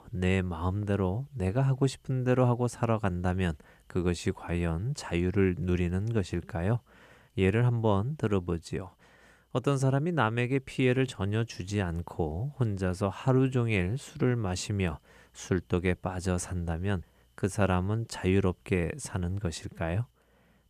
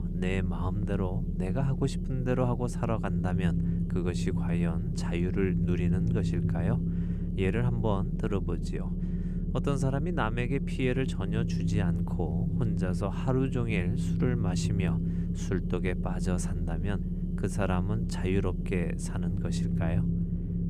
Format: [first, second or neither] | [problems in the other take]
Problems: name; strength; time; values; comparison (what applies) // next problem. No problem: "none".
first | low rumble; loud; throughout; 5 dB below the speech